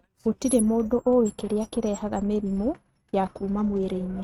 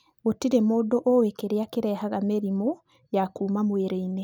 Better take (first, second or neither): second